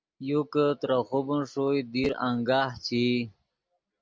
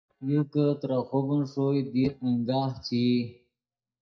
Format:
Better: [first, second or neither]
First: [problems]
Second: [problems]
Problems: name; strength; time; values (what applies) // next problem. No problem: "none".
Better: first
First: none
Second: noise reduction (neural mask model DeepFilterNet 3)